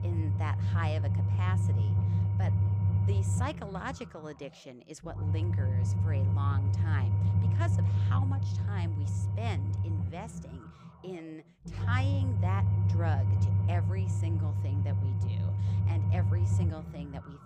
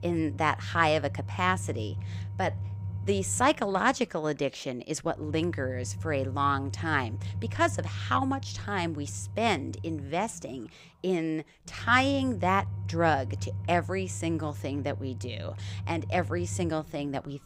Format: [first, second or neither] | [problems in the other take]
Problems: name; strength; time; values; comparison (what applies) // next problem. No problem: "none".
second | low rumble; loud; throughout; 2 dB below the speech; faint in the second